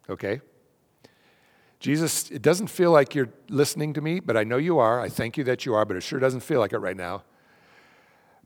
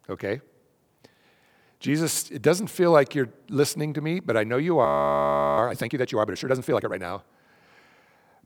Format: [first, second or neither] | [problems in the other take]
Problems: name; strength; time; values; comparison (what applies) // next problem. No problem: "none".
first | audio freezing; at 5 s for 0.5 s